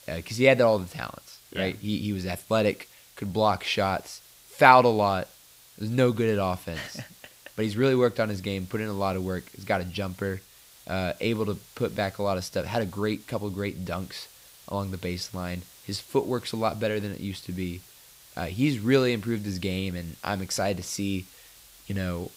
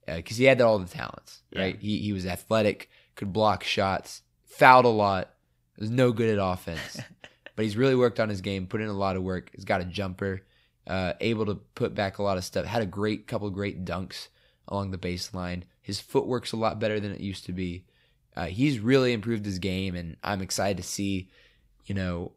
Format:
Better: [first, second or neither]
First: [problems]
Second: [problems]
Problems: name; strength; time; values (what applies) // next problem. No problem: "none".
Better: second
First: hiss; faint; throughout; 25 dB below the speech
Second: none